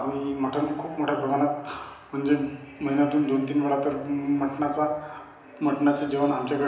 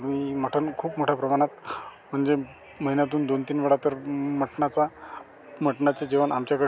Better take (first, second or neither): second